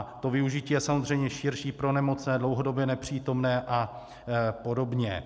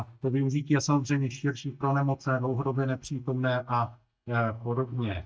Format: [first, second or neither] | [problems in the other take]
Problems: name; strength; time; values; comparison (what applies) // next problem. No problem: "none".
first | noise reduction (neural mask model DeepFilterNet 3)